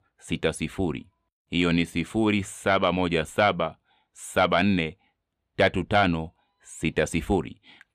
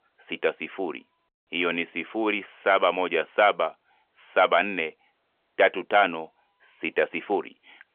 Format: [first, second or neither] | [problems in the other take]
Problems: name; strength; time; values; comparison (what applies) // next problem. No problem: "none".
first | phone-call audio; nothing above 3.5 kHz